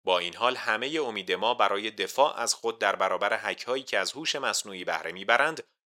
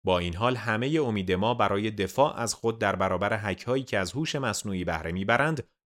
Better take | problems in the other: second | thin; very; fading below 500 Hz

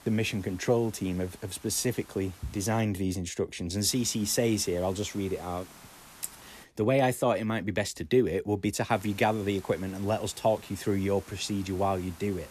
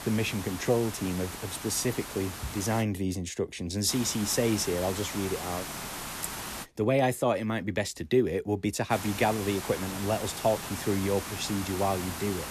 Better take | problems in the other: first | hiss; loud; until 3 s, from 4 to 6.5 s and from 9 s on; 8 dB below the speech; faint in the first

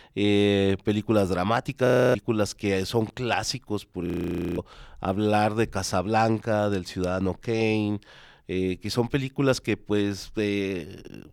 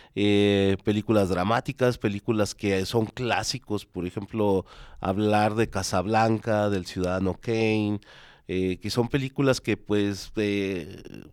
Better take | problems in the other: second | audio freezing; at 2 s and at 4 s for 0.5 s

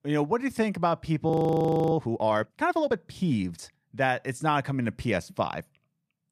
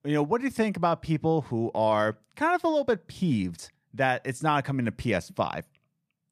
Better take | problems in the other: second | audio freezing; at 1.5 s for 0.5 s

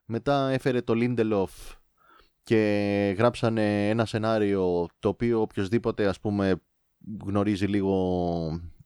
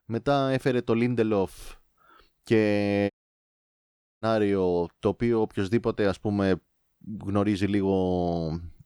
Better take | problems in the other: first | audio cutting out; at 3 s for 1 s

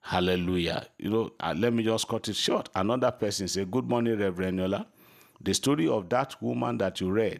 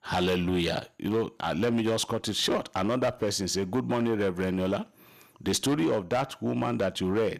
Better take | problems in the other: first | distortion; slight; 8% of the sound clipped

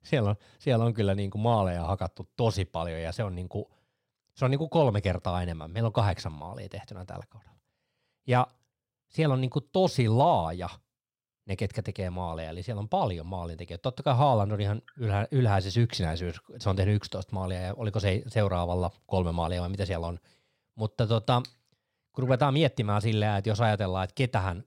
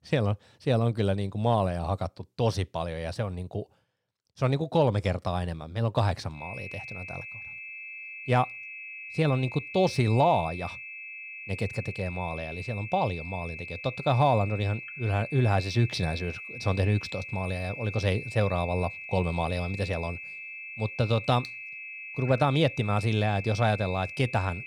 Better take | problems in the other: first | high-pitched whine; loud; from 6.5 s on; 2.5 kHz, 10 dB below the speech

